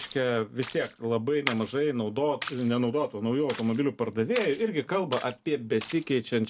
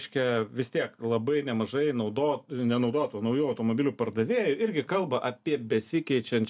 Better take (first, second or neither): second